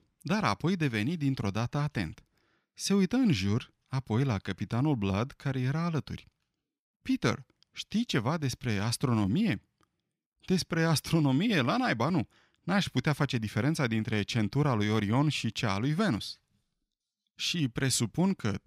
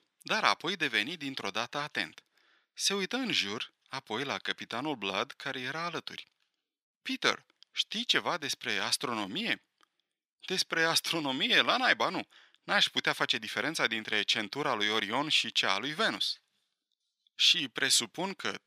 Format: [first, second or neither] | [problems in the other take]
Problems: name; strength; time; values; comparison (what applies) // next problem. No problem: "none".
first | thin; very; fading below 450 Hz